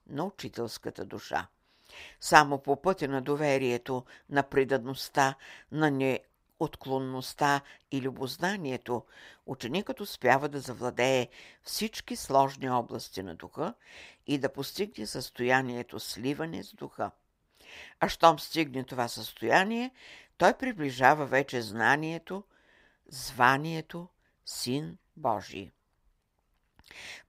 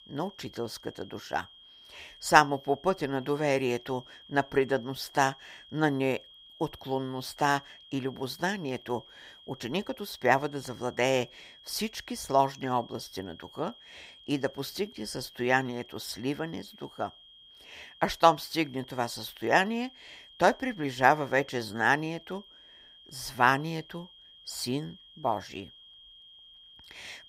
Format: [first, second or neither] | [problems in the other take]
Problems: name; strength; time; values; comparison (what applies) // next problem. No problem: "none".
first | high-pitched whine; faint; throughout; 3 kHz, 20 dB below the speech